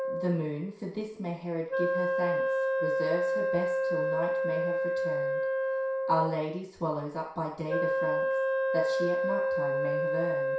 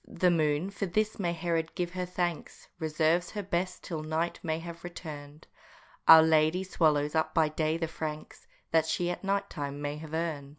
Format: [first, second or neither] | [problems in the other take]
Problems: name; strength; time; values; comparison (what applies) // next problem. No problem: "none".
second | background sound (Wind instrument, woodwind instrument); 5 dB above the speech // room echo; dies away in 0.6 s